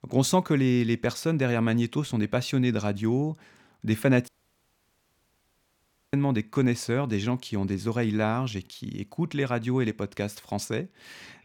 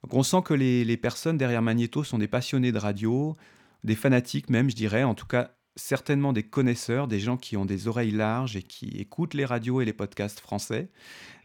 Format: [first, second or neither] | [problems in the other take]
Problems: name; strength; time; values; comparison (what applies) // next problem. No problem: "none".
second | audio cutting out; at 4.5 s for 2 s